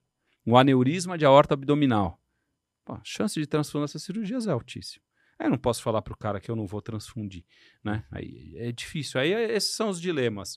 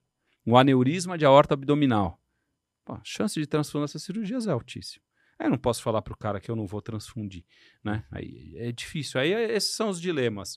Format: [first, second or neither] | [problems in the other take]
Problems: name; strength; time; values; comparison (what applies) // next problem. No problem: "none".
neither | none